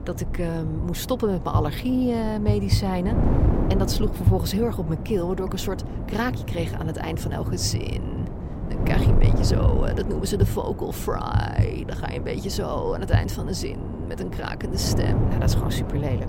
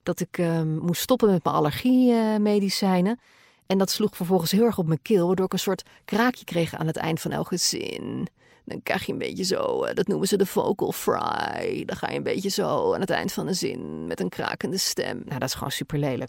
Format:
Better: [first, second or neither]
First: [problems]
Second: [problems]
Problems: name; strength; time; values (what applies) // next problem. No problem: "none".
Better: second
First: wind noise on the microphone; heavy; 6 dB below the speech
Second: none